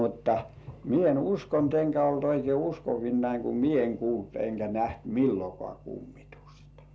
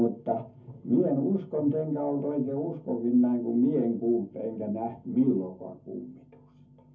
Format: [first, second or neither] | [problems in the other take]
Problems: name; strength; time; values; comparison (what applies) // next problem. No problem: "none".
first | room echo; dies away in 0.3 s